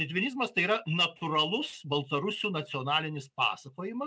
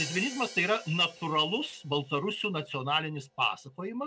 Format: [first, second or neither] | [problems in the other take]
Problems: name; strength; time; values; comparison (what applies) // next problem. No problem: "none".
first | background sound (Crash cymbal); 17 dB below the speech